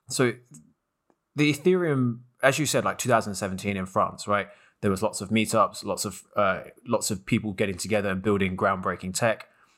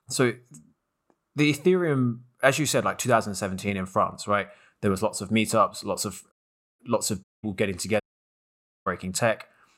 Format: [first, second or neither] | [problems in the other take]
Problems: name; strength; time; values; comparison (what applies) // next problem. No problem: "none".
first | audio cutting out; at 6.5 s, at 7 s and at 8 s for 1 s